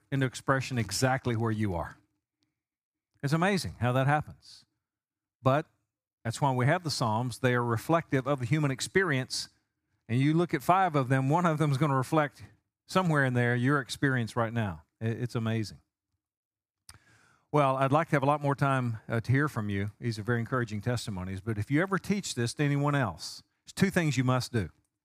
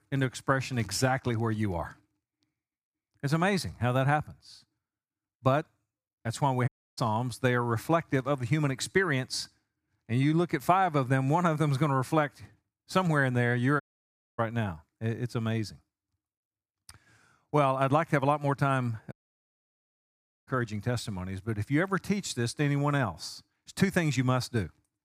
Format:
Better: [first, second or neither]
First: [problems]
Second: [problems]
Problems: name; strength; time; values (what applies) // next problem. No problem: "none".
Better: first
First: none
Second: audio cutting out; at 6.5 s, at 14 s for 0.5 s and at 19 s for 1.5 s